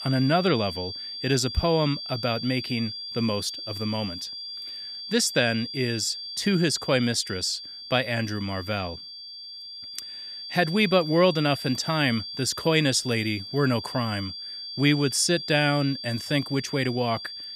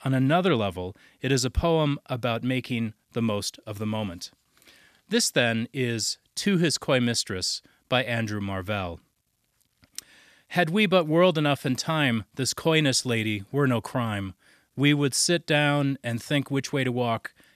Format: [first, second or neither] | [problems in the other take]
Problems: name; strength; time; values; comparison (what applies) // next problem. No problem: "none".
second | high-pitched whine; loud; throughout; 4.5 kHz, 9 dB below the speech